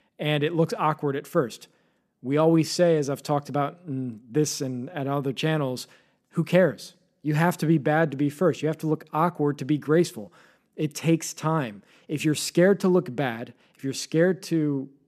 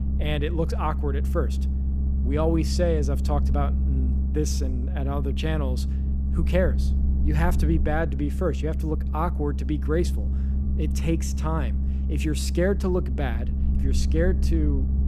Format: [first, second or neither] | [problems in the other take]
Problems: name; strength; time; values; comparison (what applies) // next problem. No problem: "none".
first | low rumble; noticeable; throughout; 10 dB below the speech